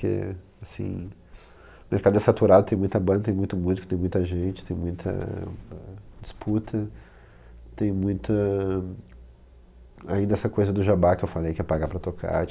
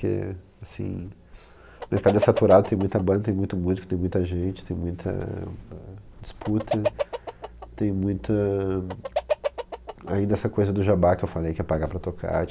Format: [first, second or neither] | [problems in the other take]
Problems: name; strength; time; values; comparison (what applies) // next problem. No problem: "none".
first | background sound (Chicken, rooster); 7 dB below the speech